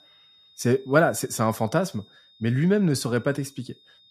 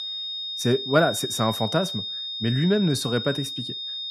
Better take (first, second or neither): first